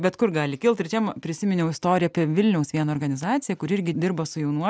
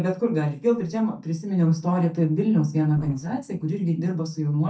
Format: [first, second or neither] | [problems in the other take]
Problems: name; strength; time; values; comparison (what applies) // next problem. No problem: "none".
first | noise reduction (neural mask model DeepFilterNet 3)